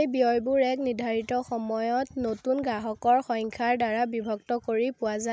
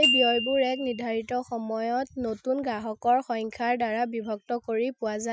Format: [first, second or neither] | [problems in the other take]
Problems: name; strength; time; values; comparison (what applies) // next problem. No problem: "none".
first | noise reduction (classical method Wiener filter)